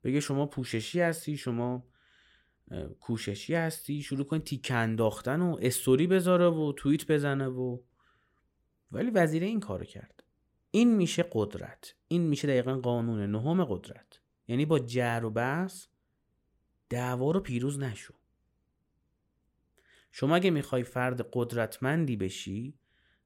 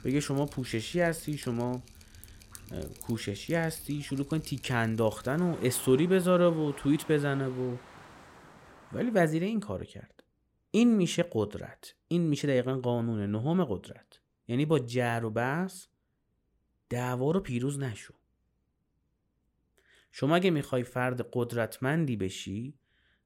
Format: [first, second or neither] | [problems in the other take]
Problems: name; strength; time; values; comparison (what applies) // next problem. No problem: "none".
first | rain or running water; faint; until 9 s; 20 dB below the speech